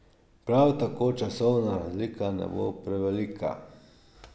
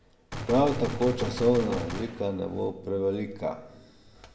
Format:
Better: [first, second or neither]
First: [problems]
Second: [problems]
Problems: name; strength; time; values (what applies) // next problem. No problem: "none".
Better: first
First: none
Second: background sound (Gunshot, gunfire); 9 dB below the speech // room echo; dies away in 2 s